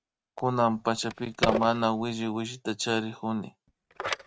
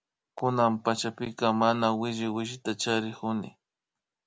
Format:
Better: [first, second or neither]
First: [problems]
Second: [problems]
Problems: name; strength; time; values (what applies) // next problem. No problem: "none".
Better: second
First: noise reduction (neural mask model RNNoise)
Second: none